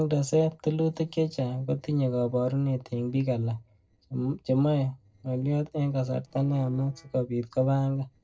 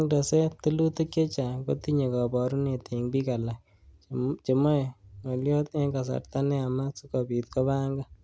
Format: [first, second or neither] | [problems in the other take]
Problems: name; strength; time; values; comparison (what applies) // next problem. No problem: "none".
second | noise reduction (neural separator model SepFormer DNS4)